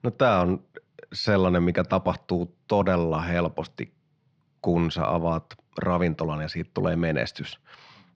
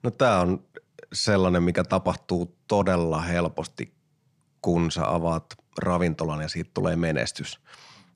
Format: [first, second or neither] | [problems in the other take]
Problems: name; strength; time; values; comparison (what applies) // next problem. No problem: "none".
second | muffled; very slightly; fading above 4.5 kHz